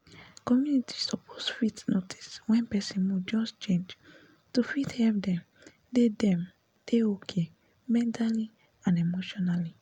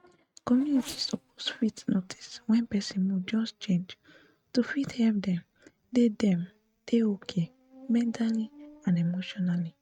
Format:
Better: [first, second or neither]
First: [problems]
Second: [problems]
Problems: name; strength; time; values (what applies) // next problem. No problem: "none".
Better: first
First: none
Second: noise reduction (neural mask model RNNoise)